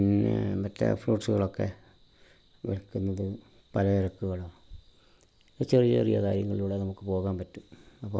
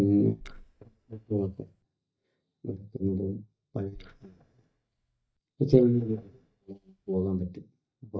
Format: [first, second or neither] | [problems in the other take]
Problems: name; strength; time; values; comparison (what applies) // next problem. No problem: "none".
first | noise reduction (neural mask model DeepFilterNet 3)